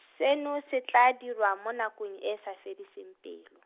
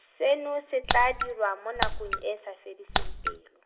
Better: first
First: none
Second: background sound (Raindrop); 1 dB above the speech // room echo; dies away in 0.9 s

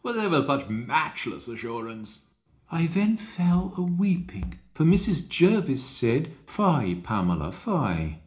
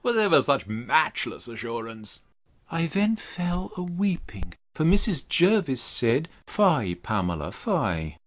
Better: second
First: room echo; dies away in 0.4 s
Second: none

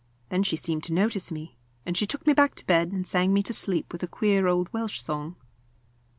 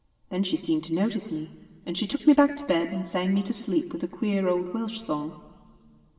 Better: first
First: none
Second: room echo; dies away in 2.4 s

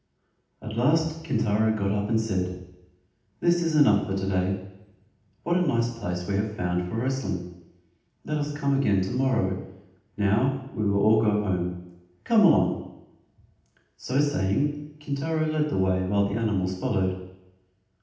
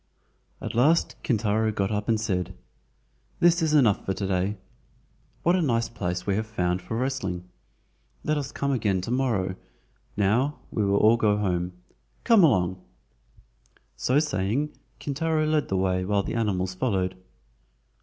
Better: second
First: room echo; dies away in 0.8 s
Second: none

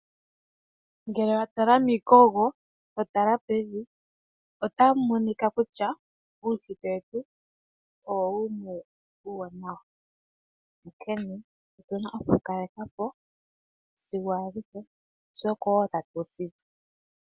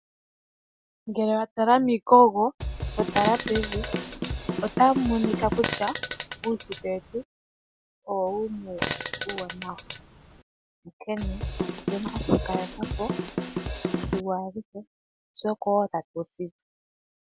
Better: first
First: none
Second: background sound (Fart + Drum / Drum kit); 4 dB below the speech

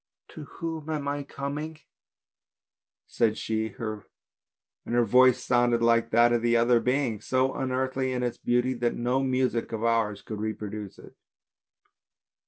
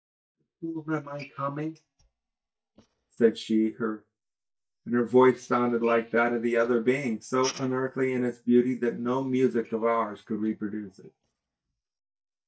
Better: first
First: none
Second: noise reduction (neural mask model DeepFilterNet 3)

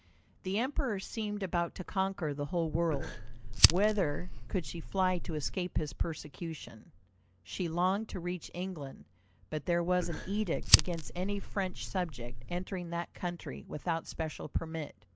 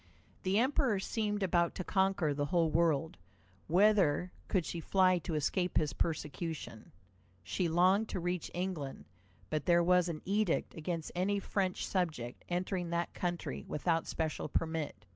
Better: second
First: background sound (Fire); 2 dB above the speech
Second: none

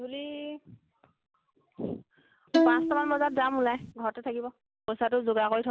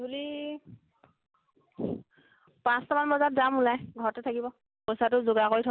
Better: second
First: background sound (Bowed string instrument); 3 dB above the speech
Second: none

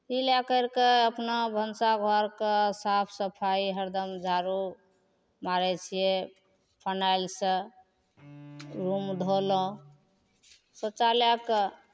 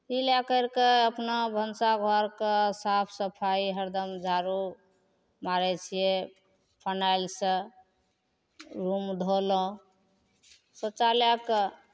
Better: second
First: background sound (Bowed string instrument); 19 dB below the speech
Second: none

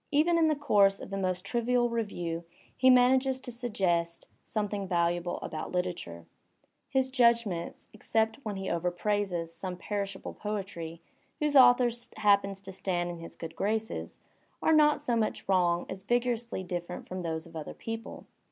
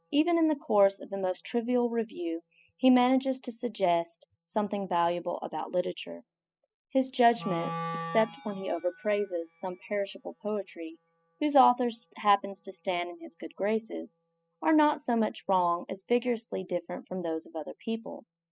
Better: first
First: none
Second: noise reduction (classical method spectral subtraction)

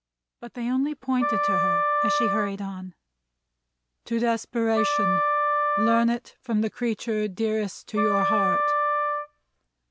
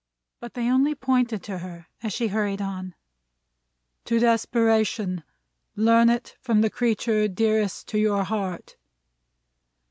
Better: second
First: background sound (Wind instrument, woodwind instrument); 2 dB above the speech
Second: none

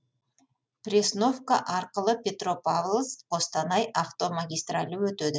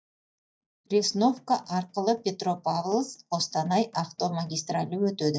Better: first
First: none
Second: noise reduction (neural mask model DeepFilterNet 3)

